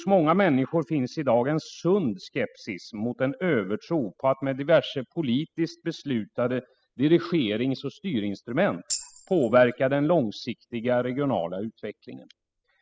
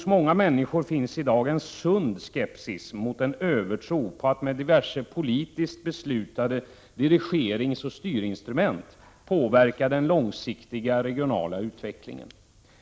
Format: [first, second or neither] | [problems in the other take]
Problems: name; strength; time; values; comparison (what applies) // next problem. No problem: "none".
second | noise reduction (classical method spectral subtraction)